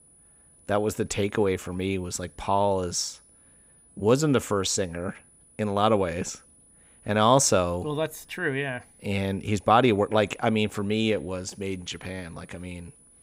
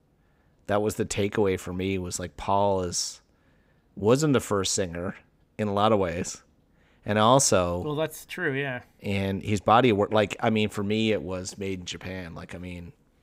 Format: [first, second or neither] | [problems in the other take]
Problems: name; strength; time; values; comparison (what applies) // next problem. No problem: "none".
second | high-pitched whine; faint; throughout; 10 kHz, 30 dB below the speech